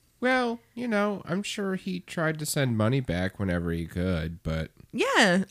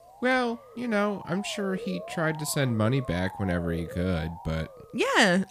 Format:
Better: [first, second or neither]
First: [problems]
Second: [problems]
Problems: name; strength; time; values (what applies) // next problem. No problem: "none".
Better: first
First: none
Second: siren; faint; peak 10 dB below the speech